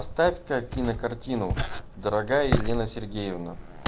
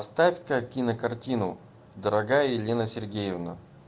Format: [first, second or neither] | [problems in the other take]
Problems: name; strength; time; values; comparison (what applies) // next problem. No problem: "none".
second | background sound (Walk, footsteps); 3 dB below the speech